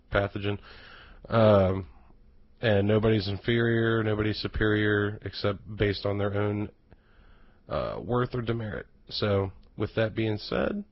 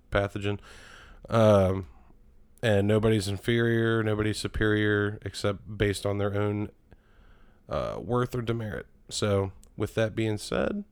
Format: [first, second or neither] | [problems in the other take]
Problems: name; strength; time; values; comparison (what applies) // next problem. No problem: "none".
second | garbled, watery; badly; nothing above 5 kHz